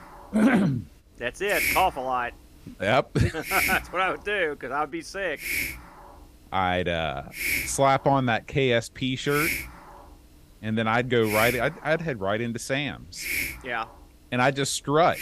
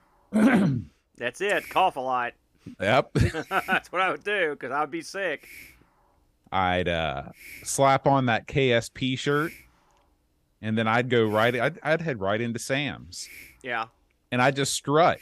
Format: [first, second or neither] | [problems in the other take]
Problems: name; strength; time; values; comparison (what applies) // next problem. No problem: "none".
second | hiss; loud; throughout; 3 dB below the speech; faint in the second